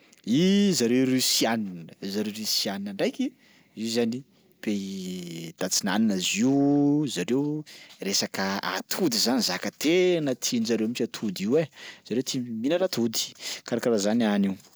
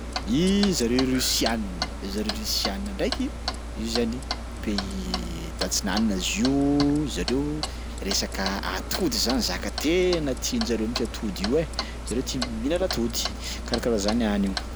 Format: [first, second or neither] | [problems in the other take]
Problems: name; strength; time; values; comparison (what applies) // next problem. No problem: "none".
first | background sound (Clock); 5 dB below the speech